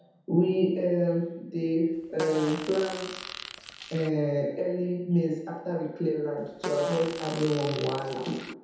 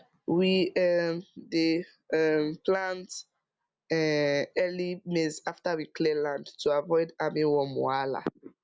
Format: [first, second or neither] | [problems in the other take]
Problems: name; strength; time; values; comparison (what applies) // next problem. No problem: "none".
second | background sound (Fart); 12 dB below the speech // room echo; dies away in 0.9 s